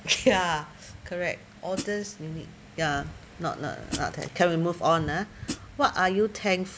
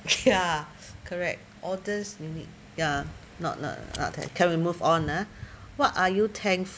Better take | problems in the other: second | background sound (Hi-hat); 9 dB below the speech

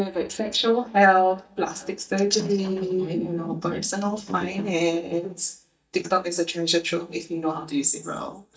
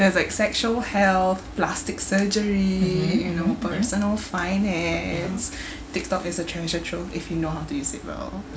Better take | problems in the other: second | noise reduction (neural mask model DeepFilterNet 3)

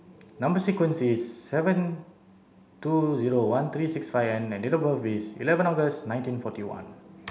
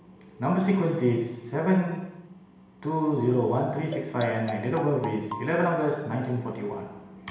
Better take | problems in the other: first | background sound (Marimba, xylophone); 11 dB below the speech // room echo; dies away in 1 s

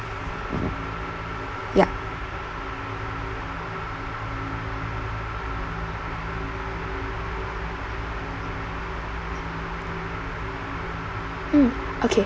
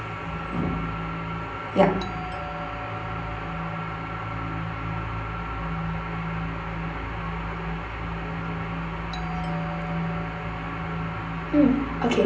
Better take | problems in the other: first | background sound (Doorbell); 17 dB below the speech // room echo; dies away in 0.6 s

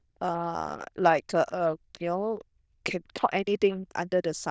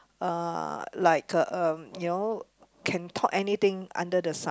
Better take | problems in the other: second | noise reduction (neural diffusion model UNIVERSE++)

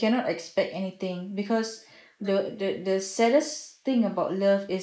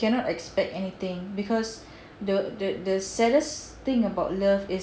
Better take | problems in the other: second | noise reduction (neural mask model Resemble Enhance denoiser)

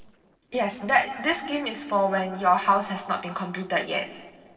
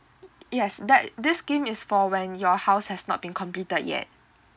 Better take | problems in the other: second | noise reduction (neural separator model SepFormer DNS4)

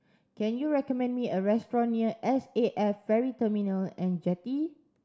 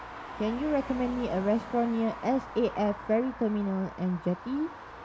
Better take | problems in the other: first | background sound (Traffic noise, roadway noise); 12 dB below the speech

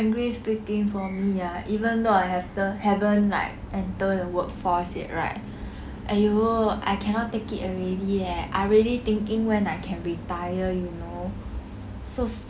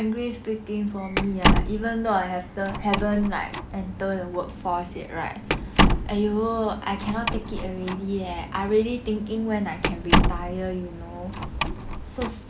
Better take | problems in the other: first | background sound (Slam); as loud as the speech

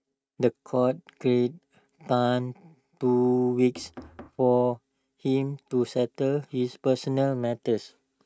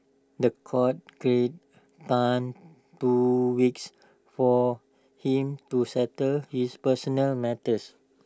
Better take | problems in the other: second | noise reduction (neural mask model RNNoise)

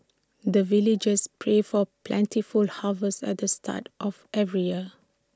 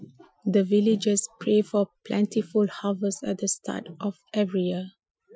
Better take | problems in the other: first | noise reduction (classical method Wiener filter)

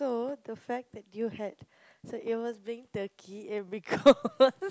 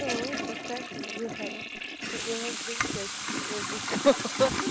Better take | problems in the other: first | background sound (Toilet flush / Water tap, faucet); 1 dB below the speech

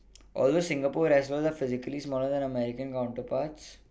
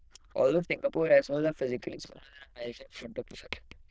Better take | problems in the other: first | noise reduction (neural diffusion model UNIVERSE++)

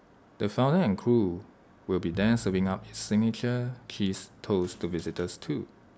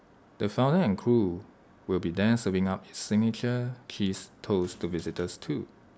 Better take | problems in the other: second | background sound (Bowed string instrument); 20 dB below the speech

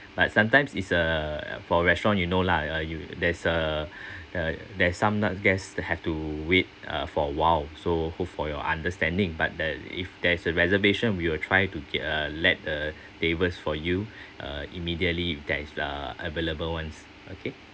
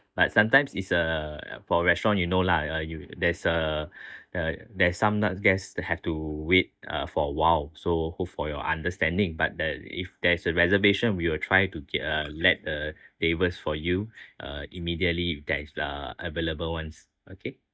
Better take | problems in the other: first | noise reduction (neural mask model DeepFilterNet 3)

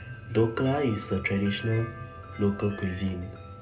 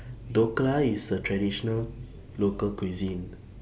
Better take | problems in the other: second | background sound (Wind chime); 16 dB below the speech // room echo; dies away in 0.2 s

